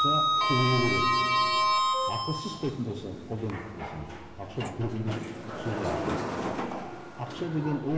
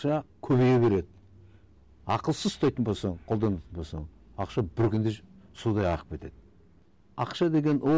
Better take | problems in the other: second | background sound (Sliding door); 3 dB above the speech // room echo; dies away in 2.5 s

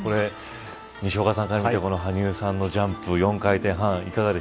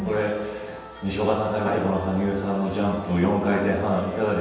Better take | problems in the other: first | room echo; dies away in 1.2 s

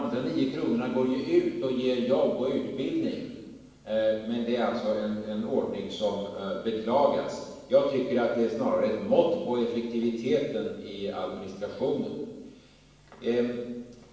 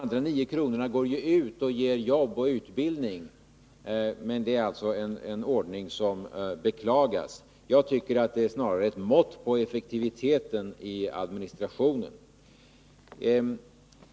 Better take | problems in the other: second | room echo; dies away in 1.1 s

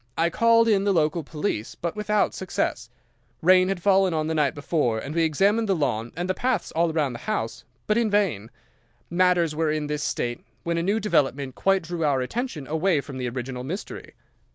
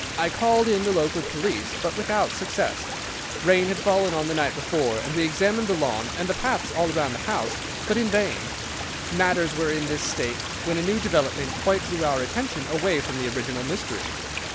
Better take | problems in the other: first | background sound (Stream); 6 dB below the speech

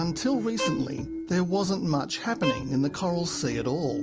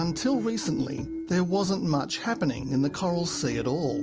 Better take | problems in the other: second | background sound (Bowed string instrument); 10 dB below the speech

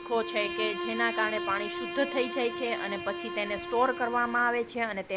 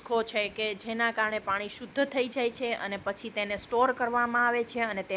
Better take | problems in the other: second | background sound (Bowed string instrument); 6 dB below the speech

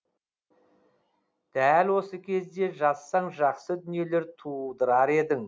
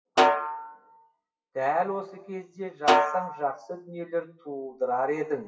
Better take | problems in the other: first | noise reduction (classical method WPE with log-MMSE)

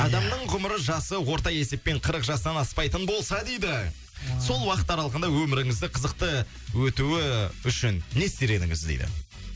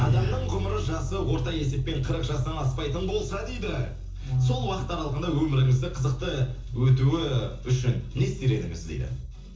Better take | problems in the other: first | noise reduction (neural separator model SepFormer DNS4)

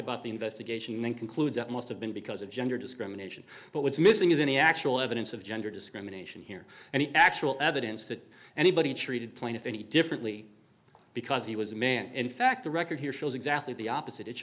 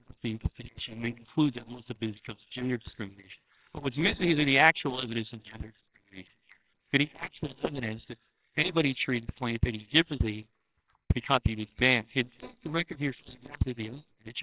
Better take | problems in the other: first | noise reduction (neural separator model SepFormer WHAMR!)

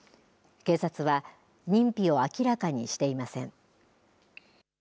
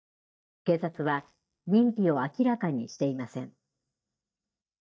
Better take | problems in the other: first | noise reduction (neural mask model DeepFilterNet 3)

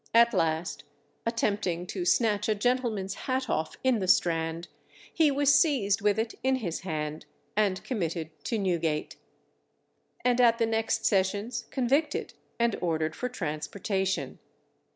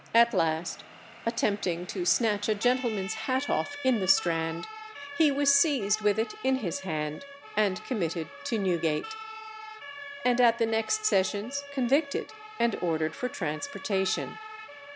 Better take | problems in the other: first | background sound (Siren); 14 dB below the speech

